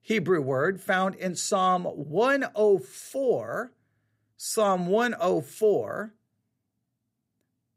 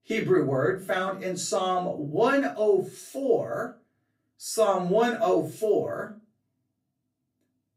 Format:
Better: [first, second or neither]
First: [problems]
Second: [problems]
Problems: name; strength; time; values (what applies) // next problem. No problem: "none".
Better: first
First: none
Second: off-mic speech; far // room echo; slight; dies away in 0.3 s